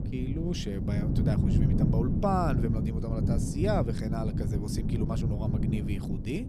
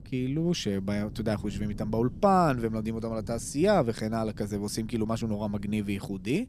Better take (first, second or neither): second